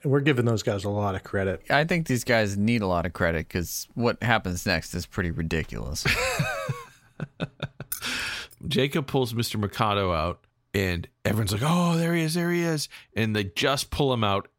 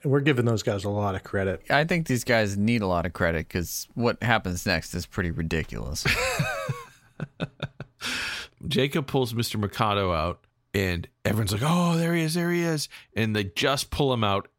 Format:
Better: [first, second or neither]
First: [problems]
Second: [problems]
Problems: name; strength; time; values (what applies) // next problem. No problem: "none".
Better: second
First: jangling keys; noticeable; at 8 s; peak 9 dB below the speech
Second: none